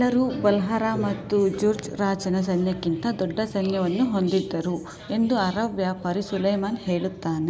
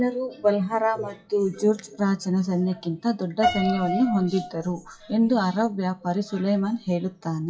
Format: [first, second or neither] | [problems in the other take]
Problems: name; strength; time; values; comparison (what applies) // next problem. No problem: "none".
first | noise reduction (classical method WPE with log-MMSE)